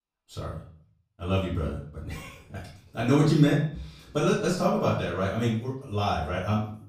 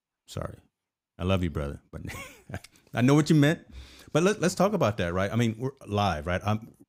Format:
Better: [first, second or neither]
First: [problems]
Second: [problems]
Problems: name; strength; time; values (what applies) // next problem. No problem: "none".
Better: second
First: off-mic speech; far // room echo; noticeable; dies away in 0.5 s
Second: none